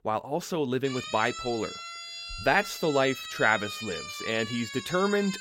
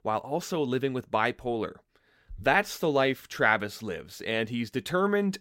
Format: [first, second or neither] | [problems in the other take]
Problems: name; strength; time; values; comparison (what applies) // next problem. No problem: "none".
second | siren; noticeable; from 1 s on; peak 8 dB below the speech